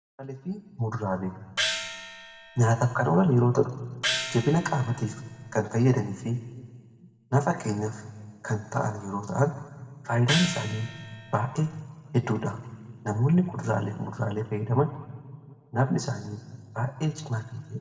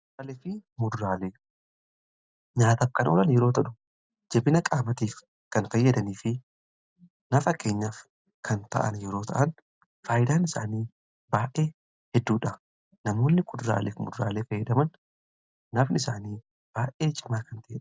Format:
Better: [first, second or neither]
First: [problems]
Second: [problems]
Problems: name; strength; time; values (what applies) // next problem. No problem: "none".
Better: second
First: background sound (Gong); 6 dB below the speech // room echo; dies away in 1.4 s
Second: none